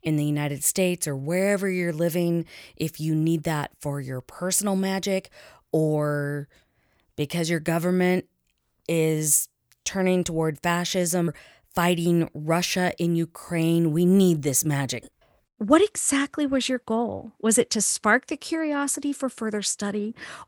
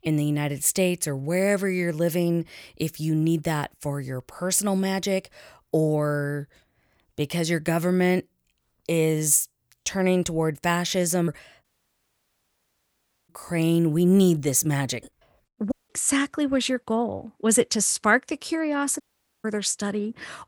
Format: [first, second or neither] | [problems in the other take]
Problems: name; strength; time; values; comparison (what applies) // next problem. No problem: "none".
first | audio cutting out; at 12 s for 1.5 s, at 16 s and at 19 s